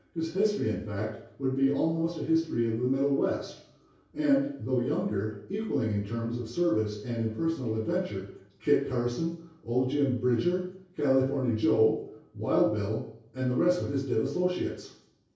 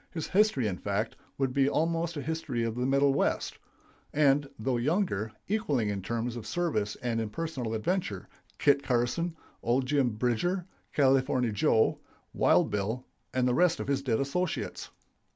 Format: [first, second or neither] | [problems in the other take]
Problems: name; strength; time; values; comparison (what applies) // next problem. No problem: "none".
second | room echo; dies away in 0.6 s